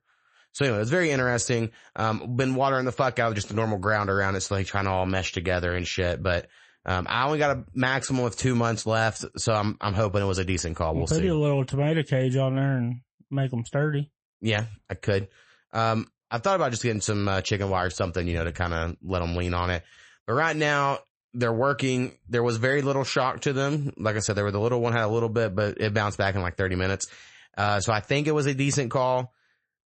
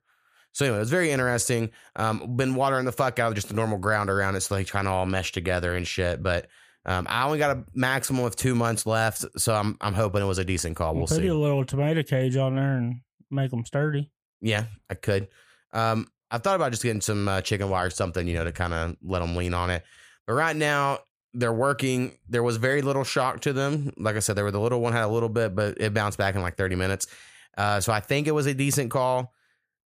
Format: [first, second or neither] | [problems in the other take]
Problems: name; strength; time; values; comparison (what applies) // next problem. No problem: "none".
second | garbled, watery; slightly; nothing above 8 kHz